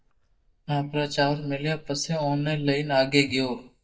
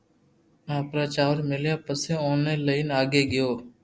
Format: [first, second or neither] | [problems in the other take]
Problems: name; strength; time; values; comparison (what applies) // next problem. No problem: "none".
second | noise reduction (neural mask model DeepFilterNet 3)